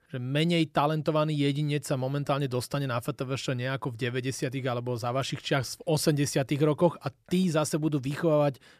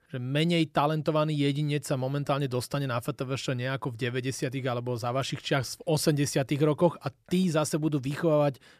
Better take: neither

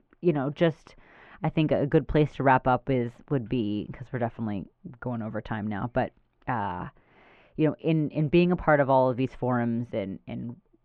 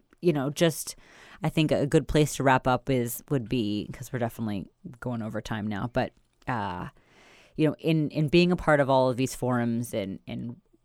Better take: second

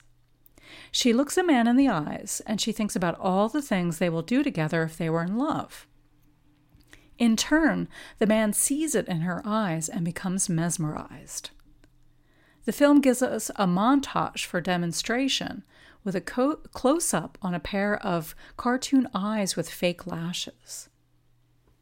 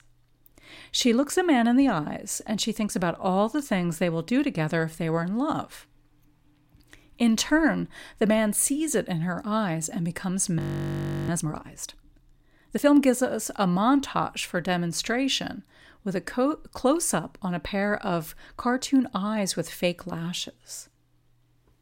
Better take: first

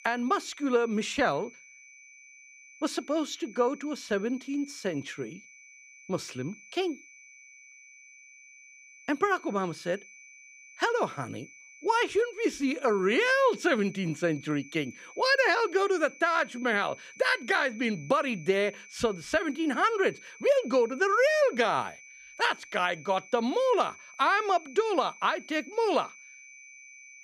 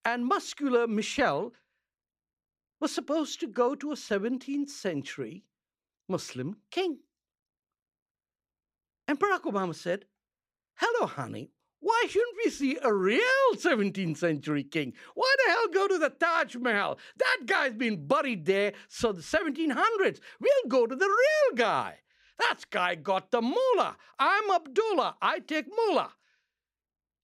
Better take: second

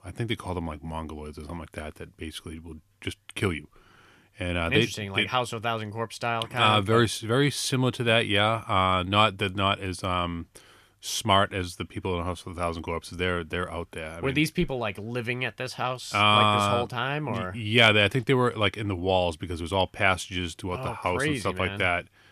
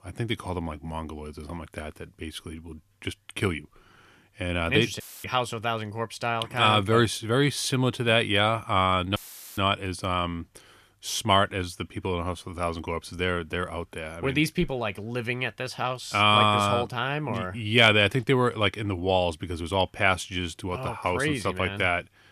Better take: first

